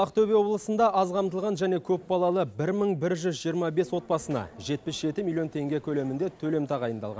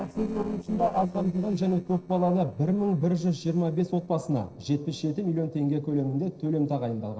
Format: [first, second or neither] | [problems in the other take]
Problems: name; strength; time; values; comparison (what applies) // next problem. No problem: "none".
first | noise reduction (neural separator model SepFormer DNS4)